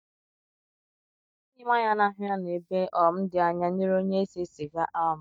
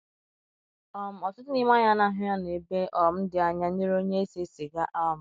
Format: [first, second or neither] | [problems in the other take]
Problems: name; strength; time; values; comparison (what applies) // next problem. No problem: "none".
second | noise reduction (neural mask model DeepFilterNet 3)